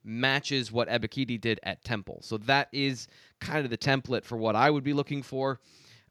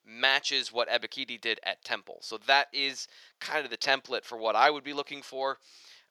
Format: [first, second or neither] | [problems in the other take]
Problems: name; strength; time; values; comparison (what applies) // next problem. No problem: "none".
first | thin; very; fading below 700 Hz